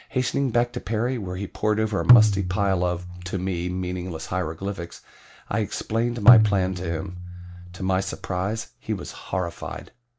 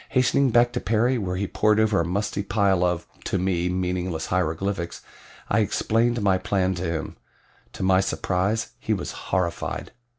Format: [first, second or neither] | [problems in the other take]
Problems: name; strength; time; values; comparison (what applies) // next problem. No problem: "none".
second | background sound (Tabla); 3 dB above the speech